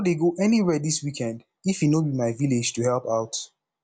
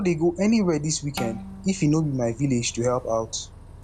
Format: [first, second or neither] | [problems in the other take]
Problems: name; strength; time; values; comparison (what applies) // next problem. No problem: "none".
first | background sound (Bowed string instrument + Bus); 15 dB below the speech